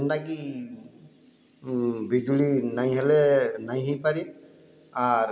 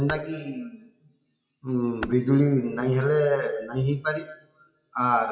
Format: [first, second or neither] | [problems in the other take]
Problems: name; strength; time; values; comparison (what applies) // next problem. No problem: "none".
first | noise reduction (classical method WPE with log-MMSE)